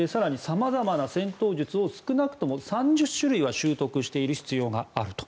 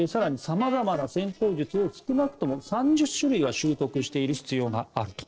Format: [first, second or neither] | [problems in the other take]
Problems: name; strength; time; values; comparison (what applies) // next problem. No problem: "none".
first | noise reduction (neural separator model SepFormer DNS4)